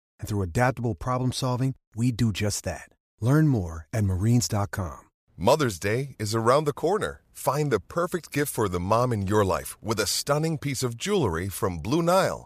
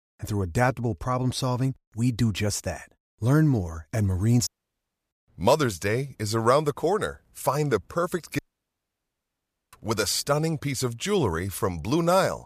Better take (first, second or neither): first